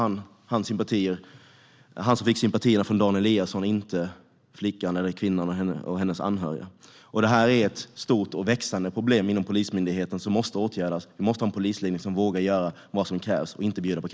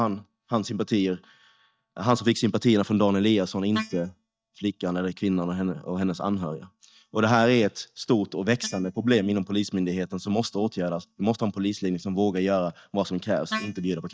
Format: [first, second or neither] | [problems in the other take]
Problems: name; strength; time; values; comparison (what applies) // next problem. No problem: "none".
first | noise reduction (neural mask model DeepFilterNet 3)